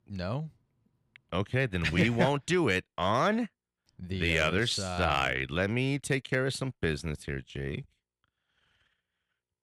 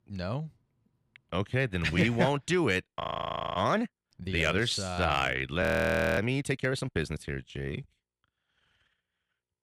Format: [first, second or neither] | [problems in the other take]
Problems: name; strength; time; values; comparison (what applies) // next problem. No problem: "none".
first | audio freezing; at 3 s for 0.5 s and at 5.5 s for 0.5 s